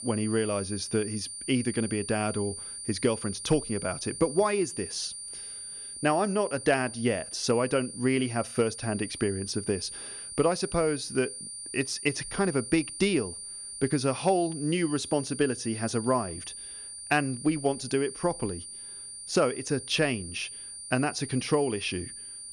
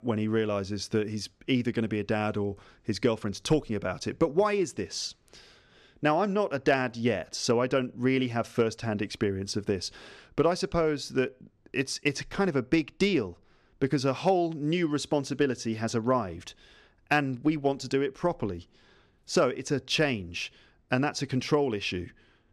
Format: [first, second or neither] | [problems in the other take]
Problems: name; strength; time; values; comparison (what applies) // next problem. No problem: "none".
second | high-pitched whine; loud; throughout; 9.5 kHz, 9 dB below the speech